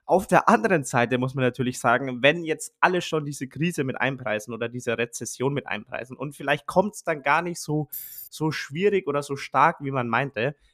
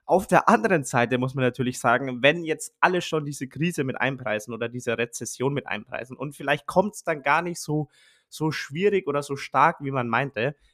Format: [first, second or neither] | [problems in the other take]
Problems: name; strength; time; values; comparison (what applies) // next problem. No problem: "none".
second | jangling keys; faint; at 8 s; peak 10 dB below the speech